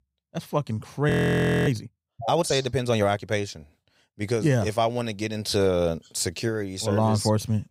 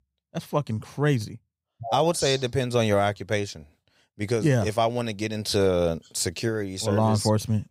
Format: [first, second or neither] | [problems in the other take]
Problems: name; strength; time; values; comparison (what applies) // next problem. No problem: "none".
second | audio freezing; at 1 s for 0.5 s